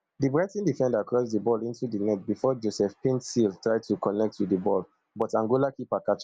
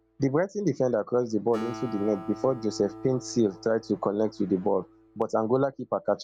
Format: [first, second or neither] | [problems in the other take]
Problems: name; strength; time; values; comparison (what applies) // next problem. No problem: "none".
first | background sound (Acoustic guitar); 17 dB below the speech